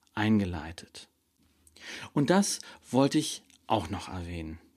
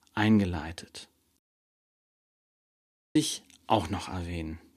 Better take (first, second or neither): first